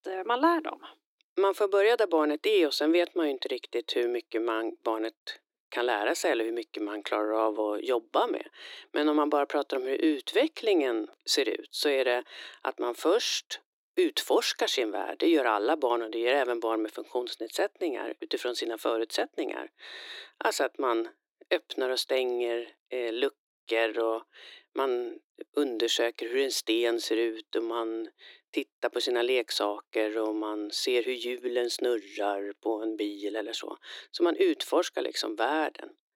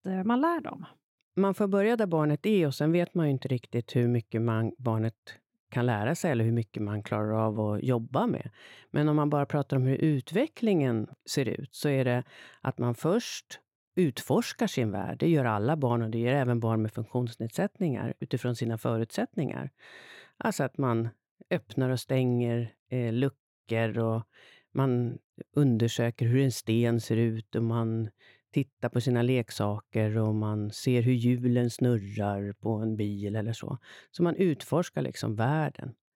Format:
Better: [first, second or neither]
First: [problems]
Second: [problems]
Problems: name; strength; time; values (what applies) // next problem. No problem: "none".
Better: second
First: thin; very; fading below 300 Hz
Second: none